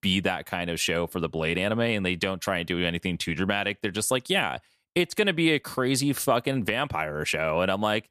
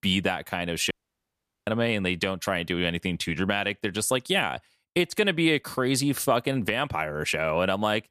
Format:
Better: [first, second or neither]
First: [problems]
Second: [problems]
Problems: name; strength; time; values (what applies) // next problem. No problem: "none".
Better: first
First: none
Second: audio cutting out; at 1 s for 1 s